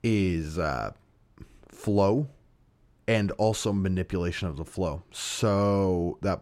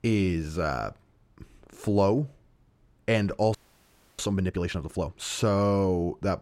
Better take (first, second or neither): first